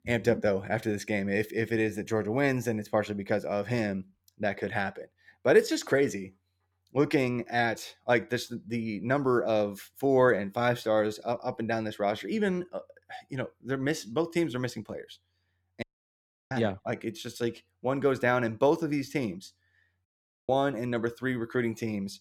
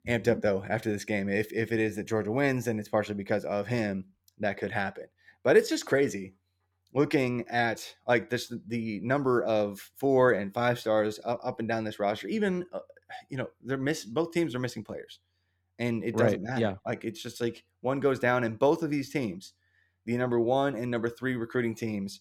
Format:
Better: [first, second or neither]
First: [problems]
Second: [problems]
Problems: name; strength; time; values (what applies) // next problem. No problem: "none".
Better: second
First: audio cutting out; at 16 s for 0.5 s and at 20 s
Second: none